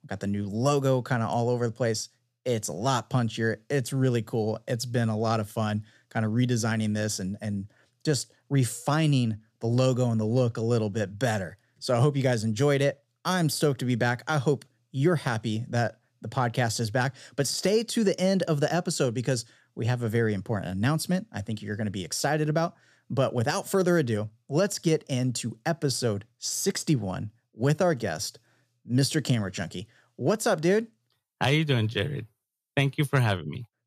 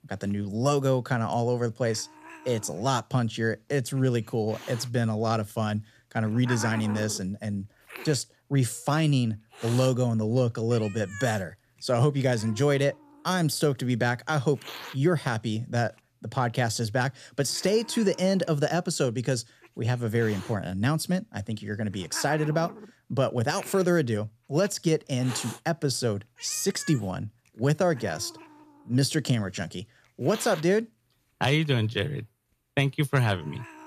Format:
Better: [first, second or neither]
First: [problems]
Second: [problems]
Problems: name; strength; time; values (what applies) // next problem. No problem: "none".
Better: first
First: none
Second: hiss; noticeable; throughout; 15 dB below the speech